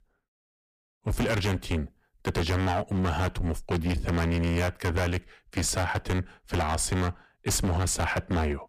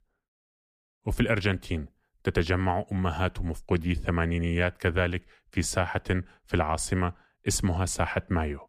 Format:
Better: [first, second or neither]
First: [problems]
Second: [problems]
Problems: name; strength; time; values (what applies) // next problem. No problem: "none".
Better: second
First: distortion; heavy; 19% of the sound clipped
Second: none